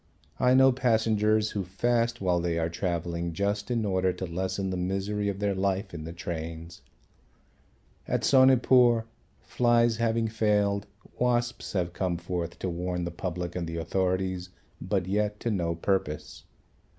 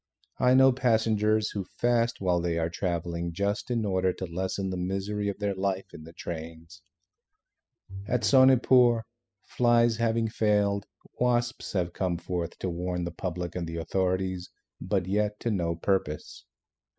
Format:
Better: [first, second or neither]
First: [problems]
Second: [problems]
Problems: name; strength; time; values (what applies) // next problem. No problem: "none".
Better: first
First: none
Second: noise reduction (classical method spectral subtraction)